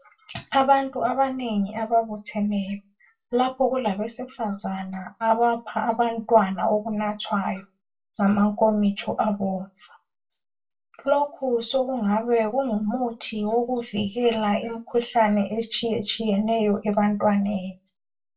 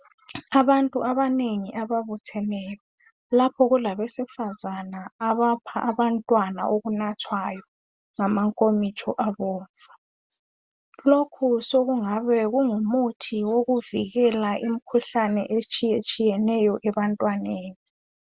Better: second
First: room echo; dies away in 0.2 s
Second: none

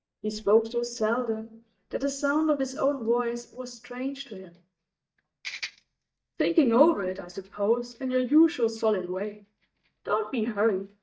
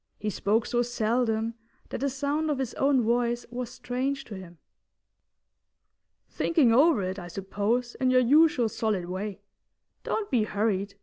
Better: second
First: noise reduction (neural mask model DeepFilterNet 3)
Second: none

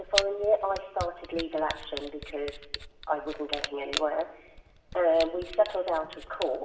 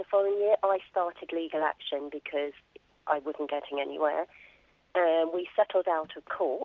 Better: second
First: background sound (Camera); 9 dB below the speech // room echo; dies away in 0.9 s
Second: none

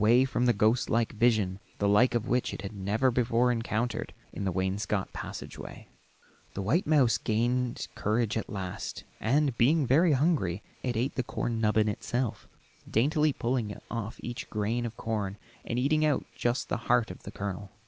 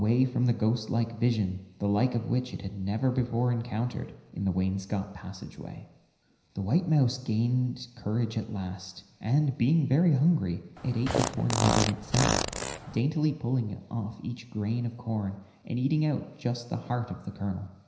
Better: first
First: none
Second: background sound (Fart); 1 dB below the speech // room echo; dies away in 0.9 s

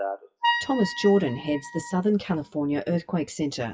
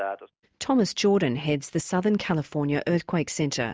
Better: second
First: noise reduction (classical method WPE with log-MMSE)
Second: none

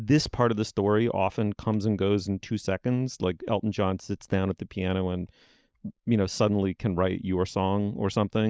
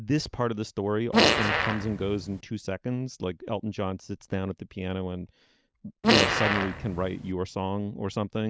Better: first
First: none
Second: background sound (Fart); 5 dB above the speech

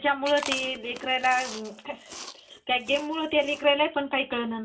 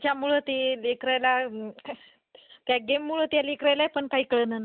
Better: second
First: background sound (Chewing, mastication); 14 dB below the speech // room echo; dies away in 0.2 s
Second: none

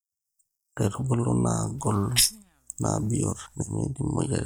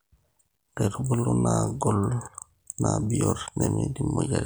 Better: second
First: noise reduction (neural mask model DeepFilterNet 3)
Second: none

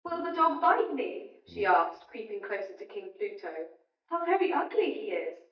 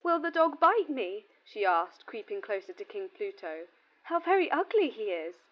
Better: second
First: noise reduction (neural mask model DeepFilterNet 3)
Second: none

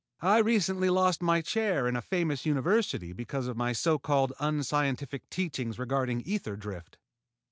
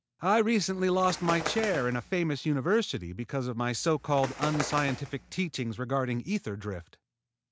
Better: first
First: none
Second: background sound (Bird); 11 dB below the speech

